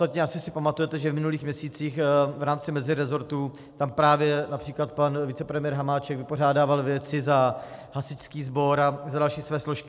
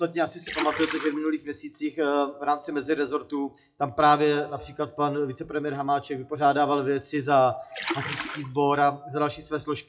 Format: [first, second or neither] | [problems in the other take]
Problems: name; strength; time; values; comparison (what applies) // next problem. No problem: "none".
first | noise reduction (classical method WPE with log-MMSE)